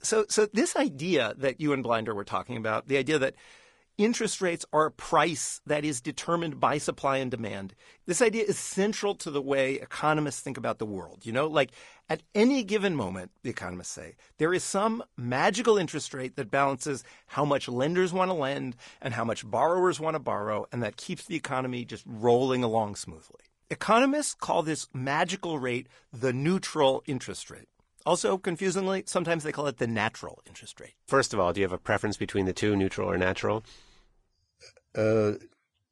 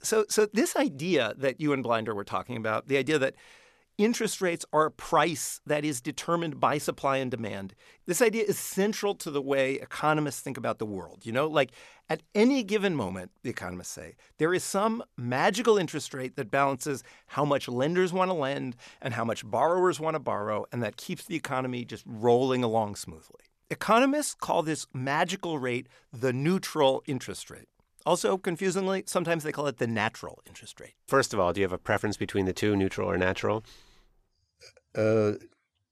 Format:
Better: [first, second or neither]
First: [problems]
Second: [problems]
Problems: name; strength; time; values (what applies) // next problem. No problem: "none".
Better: second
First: garbled, watery; slightly; nothing above 10.5 kHz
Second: none